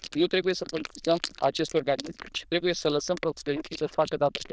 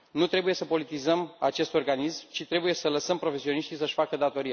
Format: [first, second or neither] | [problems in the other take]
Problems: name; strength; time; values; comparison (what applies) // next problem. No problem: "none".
second | noise reduction (neural diffusion model UNIVERSE++)